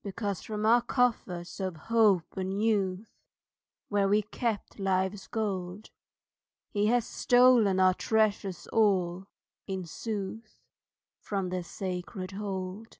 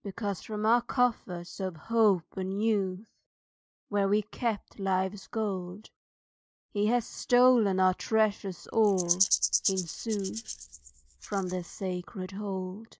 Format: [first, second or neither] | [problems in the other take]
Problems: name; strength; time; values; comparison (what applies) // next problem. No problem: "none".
first | noise reduction (neural mask model Resemble Enhance denoiser)